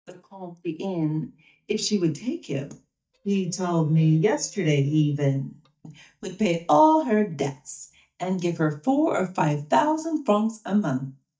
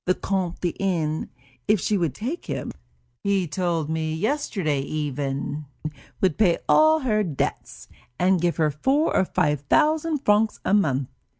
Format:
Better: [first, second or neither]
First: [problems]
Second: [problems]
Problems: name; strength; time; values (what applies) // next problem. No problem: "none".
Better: second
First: noise reduction (neural mask model DeepFilterNet 3)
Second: none